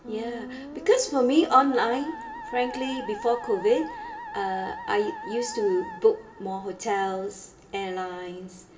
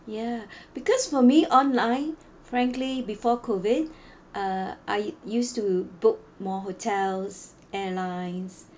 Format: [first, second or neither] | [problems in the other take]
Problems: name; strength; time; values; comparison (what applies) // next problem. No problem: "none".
second | background sound (Musical instrument); 13 dB below the speech // room echo; dies away in 1.2 s